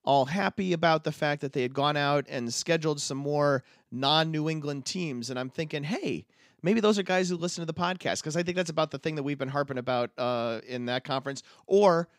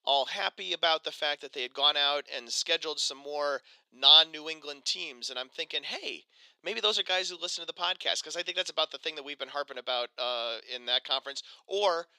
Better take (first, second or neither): first